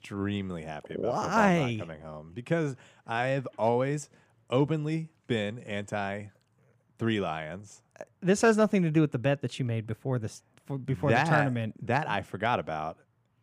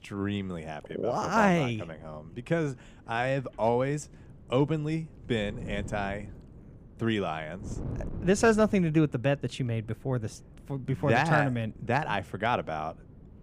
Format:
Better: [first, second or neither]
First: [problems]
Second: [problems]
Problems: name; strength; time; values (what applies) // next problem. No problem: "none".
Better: first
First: none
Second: wind noise on the microphone; occasional gusts; 25 dB below the speech